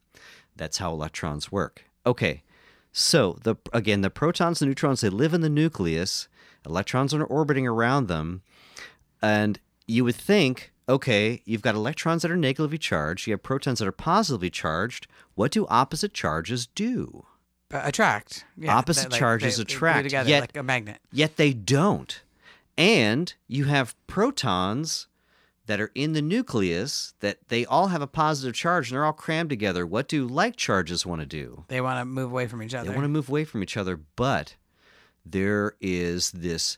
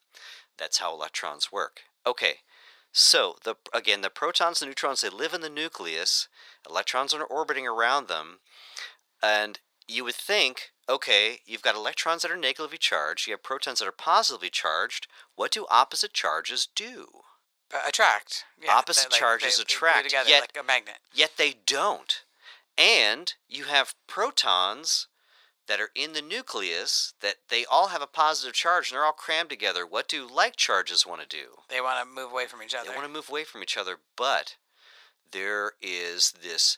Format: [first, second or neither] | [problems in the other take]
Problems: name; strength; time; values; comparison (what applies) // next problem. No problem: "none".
first | thin; very; fading below 600 Hz